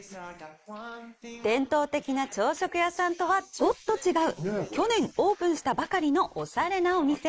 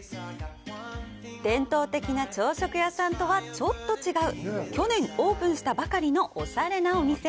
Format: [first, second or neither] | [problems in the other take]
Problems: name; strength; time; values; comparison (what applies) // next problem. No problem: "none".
second | noise reduction (neural mask model Resemble Enhance denoiser)